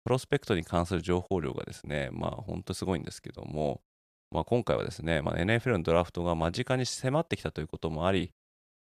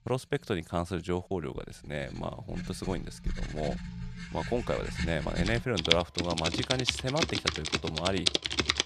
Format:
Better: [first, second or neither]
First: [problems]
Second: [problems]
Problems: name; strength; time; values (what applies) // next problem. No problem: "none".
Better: first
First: none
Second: household noises; very loud; throughout; 1 dB above the speech